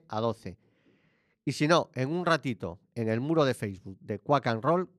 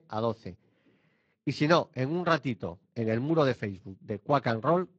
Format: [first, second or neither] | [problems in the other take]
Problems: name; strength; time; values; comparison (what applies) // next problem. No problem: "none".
first | garbled, watery; slightly